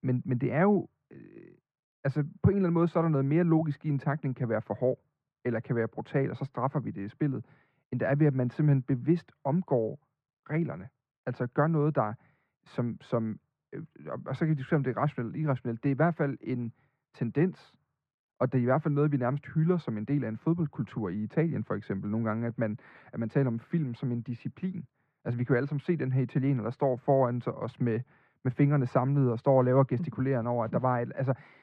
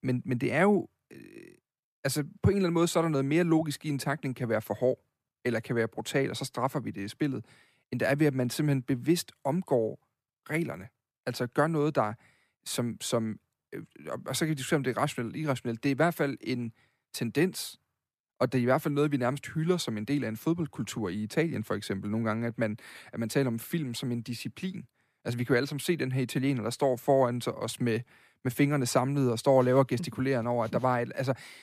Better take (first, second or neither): second